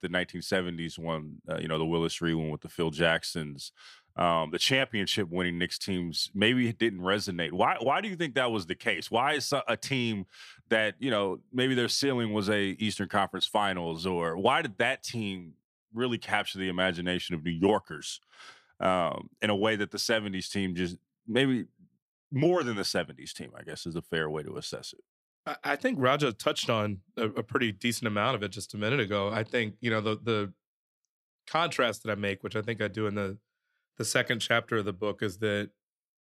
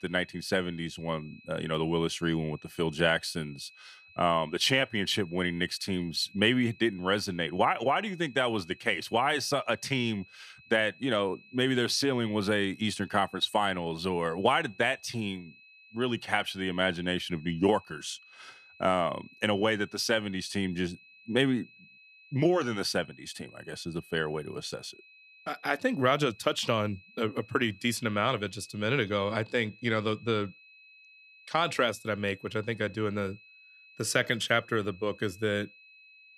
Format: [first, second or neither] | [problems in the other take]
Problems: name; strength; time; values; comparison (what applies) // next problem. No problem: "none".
first | high-pitched whine; faint; throughout; 2.5 kHz, 25 dB below the speech